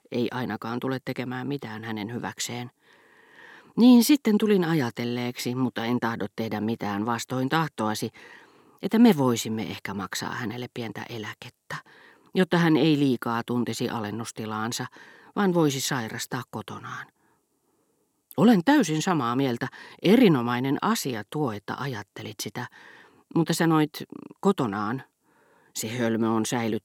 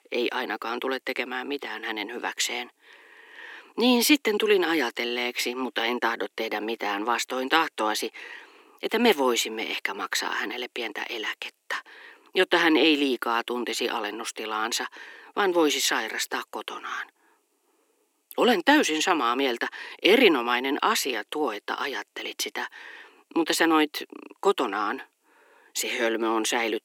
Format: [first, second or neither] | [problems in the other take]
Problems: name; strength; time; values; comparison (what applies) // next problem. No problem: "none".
first | thin; somewhat; fading below 300 Hz